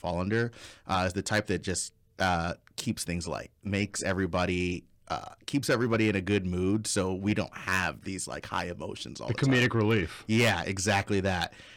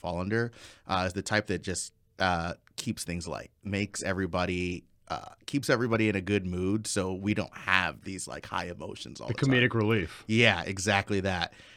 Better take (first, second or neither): second